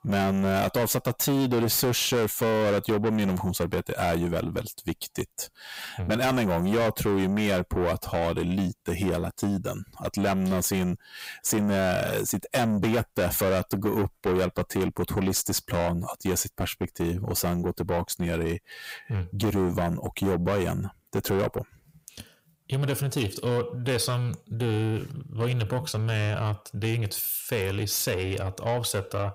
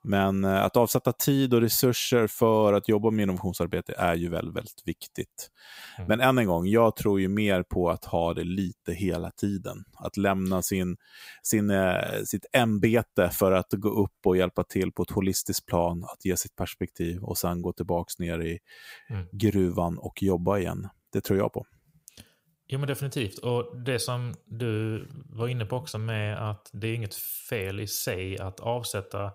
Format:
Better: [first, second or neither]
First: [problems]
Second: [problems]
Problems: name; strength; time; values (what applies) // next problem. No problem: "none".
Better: second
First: distortion; heavy; 6 dB below the speech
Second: none